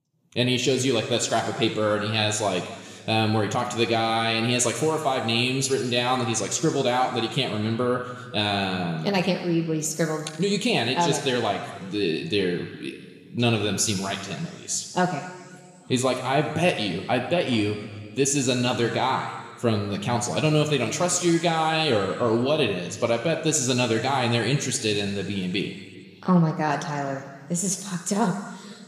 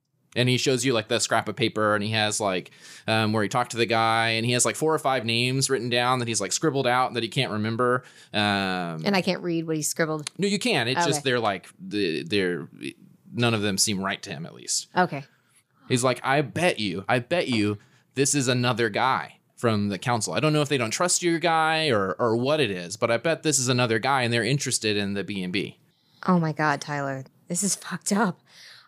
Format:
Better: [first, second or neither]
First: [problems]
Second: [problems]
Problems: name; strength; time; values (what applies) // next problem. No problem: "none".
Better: second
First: room echo; slight; dies away in 1.9 s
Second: none